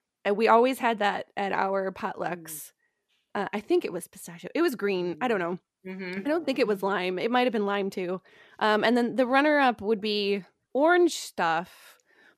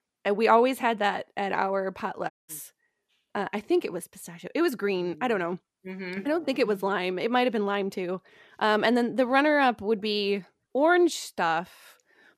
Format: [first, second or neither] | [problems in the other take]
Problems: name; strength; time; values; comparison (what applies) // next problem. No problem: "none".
first | audio cutting out; at 2.5 s